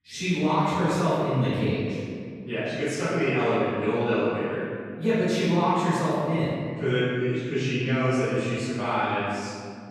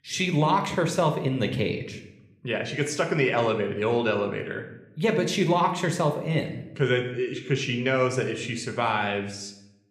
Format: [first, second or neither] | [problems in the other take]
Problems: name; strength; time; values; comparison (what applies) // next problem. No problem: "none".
second | room echo; strong; dies away in 2.2 s; slight in the second // off-mic speech; far